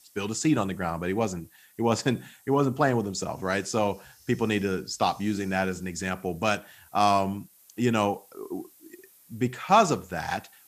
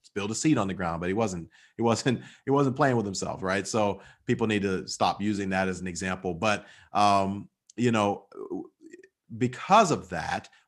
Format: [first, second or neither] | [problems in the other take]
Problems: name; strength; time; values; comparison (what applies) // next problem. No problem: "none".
second | hiss; faint; throughout; 25 dB below the speech